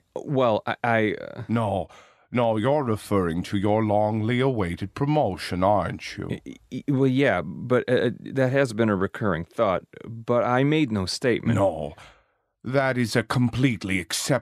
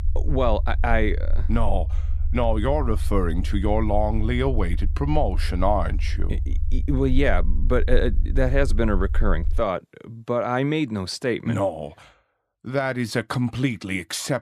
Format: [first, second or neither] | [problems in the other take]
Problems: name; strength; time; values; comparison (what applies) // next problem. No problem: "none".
first | low rumble; faint; until 9.5 s; 20 dB below the speech